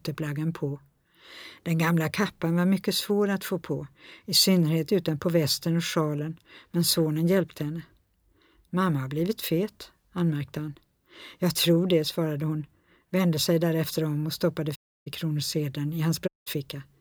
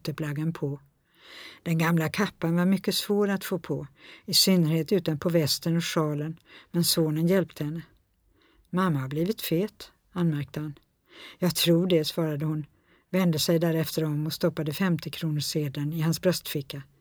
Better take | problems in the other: second | audio cutting out; at 15 s and at 16 s

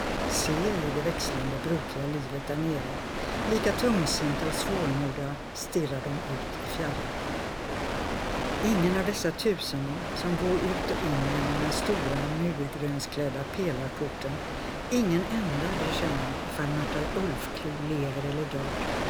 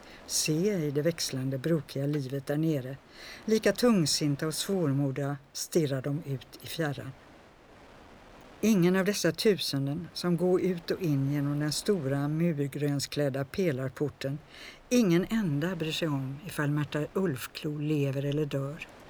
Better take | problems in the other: second | wind noise on the microphone; heavy; 1 dB above the speech; occasional gusts in the second

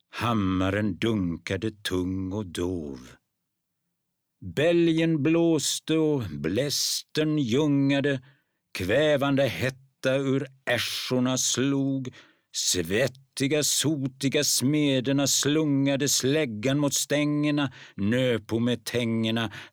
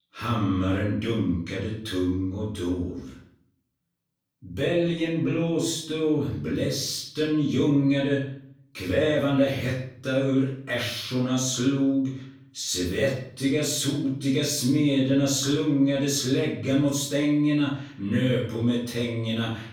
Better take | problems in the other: first | off-mic speech; far // room echo; noticeable; dies away in 0.5 s

